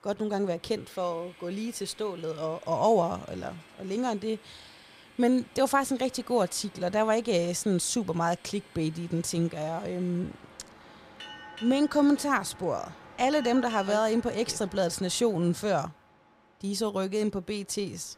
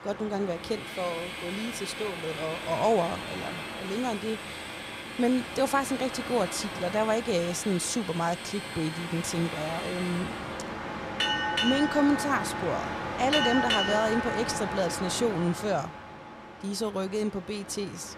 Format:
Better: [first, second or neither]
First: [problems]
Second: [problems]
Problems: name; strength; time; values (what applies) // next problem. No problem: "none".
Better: first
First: train or aircraft noise; faint; throughout; 20 dB below the speech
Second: train or aircraft noise; loud; throughout; 3 dB below the speech